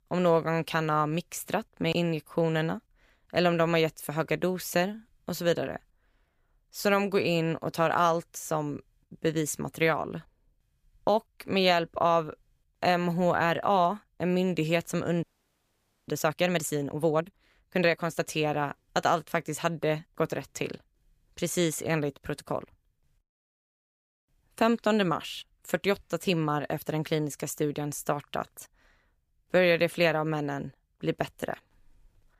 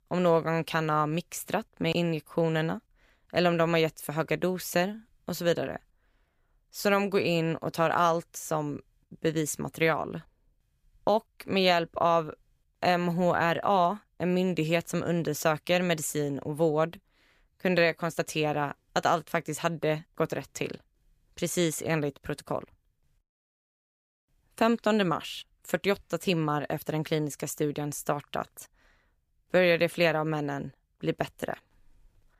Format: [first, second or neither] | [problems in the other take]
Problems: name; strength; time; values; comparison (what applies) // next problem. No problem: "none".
second | audio freezing; at 15 s for 1 s